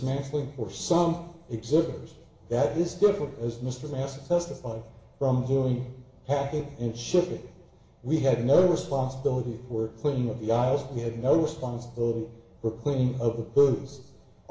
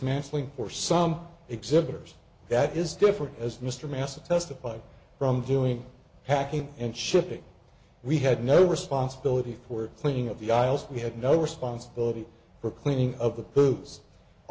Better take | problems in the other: second | room echo; dies away in 0.8 s

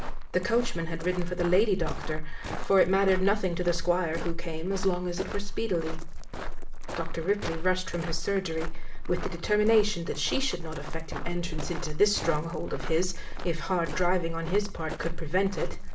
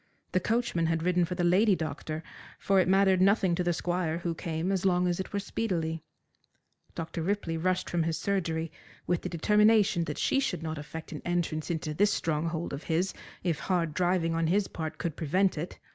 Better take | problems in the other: second | background sound (Walk, footsteps); as loud as the speech // room echo; dies away in 0.4 s

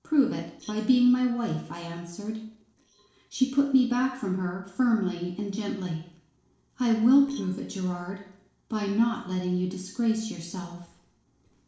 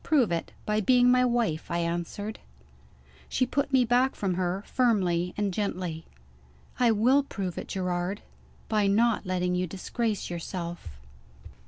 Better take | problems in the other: second | noise reduction (neural separator model SepFormer DNS4)

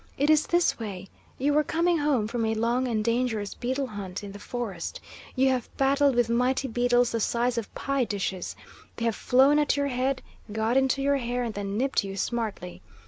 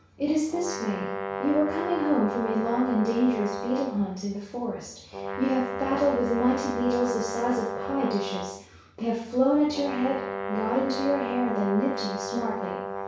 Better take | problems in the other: first | background sound (Brass instrument); 6 dB below the speech // room echo; dies away in 0.6 s

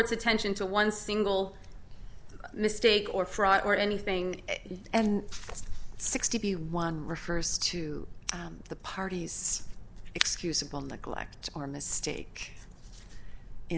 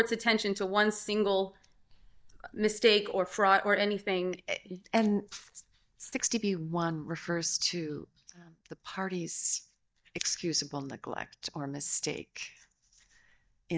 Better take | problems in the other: first | noise reduction (neural mask model DeepFilterNet 3)

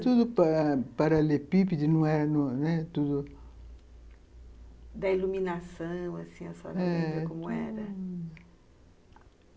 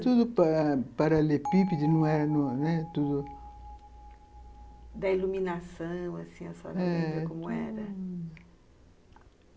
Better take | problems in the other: first | background sound (Bell); 17 dB below the speech

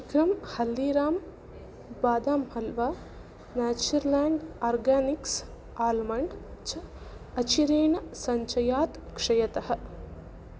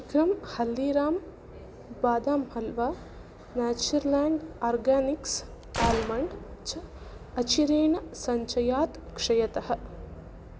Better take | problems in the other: first | background sound (Gunshot, gunfire); 8 dB below the speech

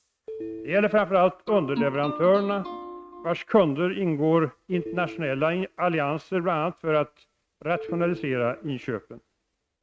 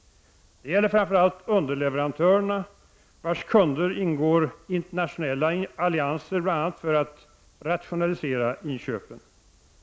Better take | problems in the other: second | noise reduction (neural mask model RNNoise)

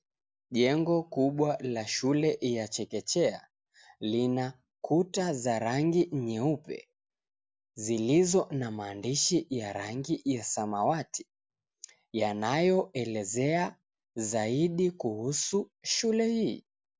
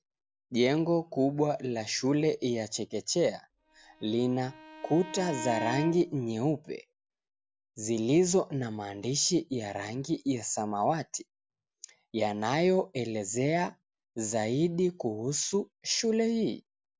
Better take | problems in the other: first | background sound (Bowed string instrument); 11 dB below the speech

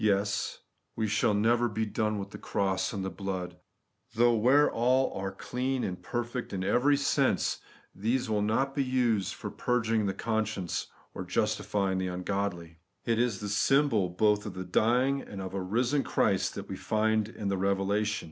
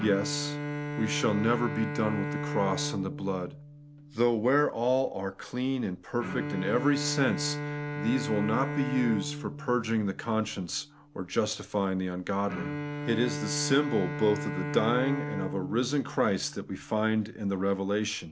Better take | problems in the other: first | background sound (Bowed string instrument); 7 dB below the speech

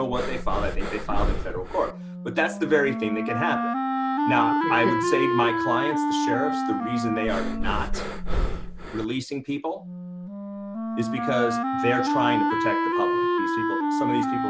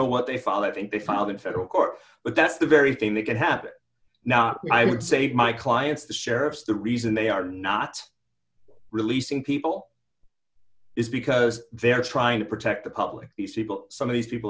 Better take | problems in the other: second | background sound (Wind instrument, woodwind instrument + Breathing); 3 dB above the speech

